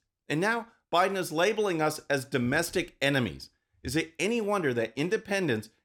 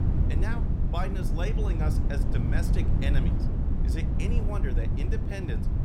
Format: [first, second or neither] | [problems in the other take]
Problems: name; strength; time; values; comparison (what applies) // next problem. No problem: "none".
first | wind noise on the microphone; heavy; 1 dB below the speech